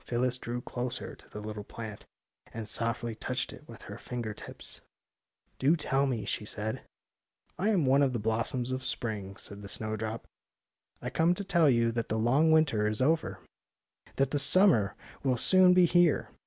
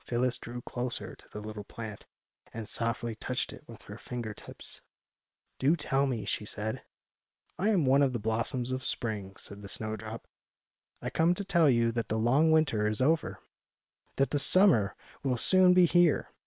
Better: first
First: none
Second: noise reduction (neural separator model SepFormer WHAM!)

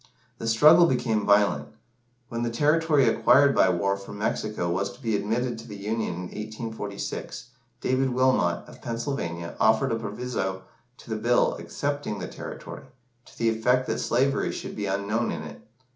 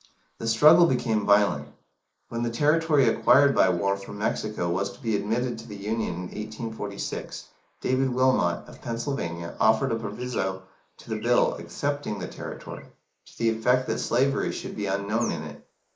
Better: first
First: none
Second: noise reduction (neural mask model Resemble Enhance denoiser)

